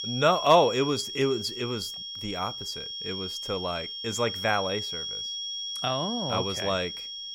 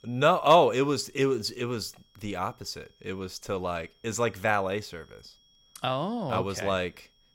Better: second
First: high-pitched whine; loud; throughout; 3.5 kHz, 5 dB below the speech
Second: high-pitched whine; faint; throughout; 3.5 kHz, 35 dB below the speech

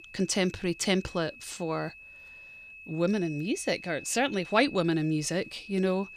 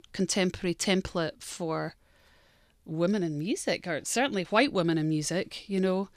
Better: second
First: high-pitched whine; noticeable; throughout; 2.5 kHz, 15 dB below the speech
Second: none

